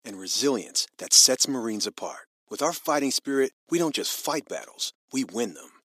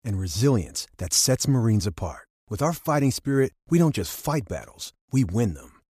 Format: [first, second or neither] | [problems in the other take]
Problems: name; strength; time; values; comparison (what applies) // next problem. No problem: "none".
second | thin; somewhat; fading below 250 Hz